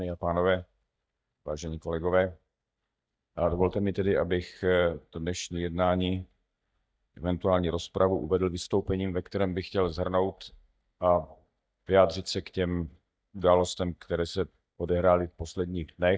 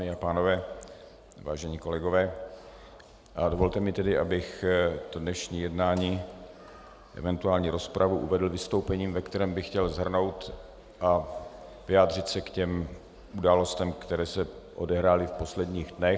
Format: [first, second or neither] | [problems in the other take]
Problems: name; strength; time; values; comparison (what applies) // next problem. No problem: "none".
second | noise reduction (neural mask model DeepFilterNet 3)